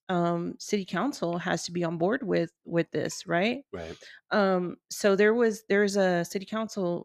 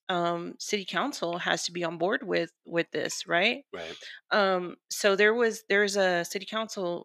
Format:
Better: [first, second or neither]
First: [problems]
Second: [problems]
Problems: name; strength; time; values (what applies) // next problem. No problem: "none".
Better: first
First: none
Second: thin; very slightly; fading below 500 Hz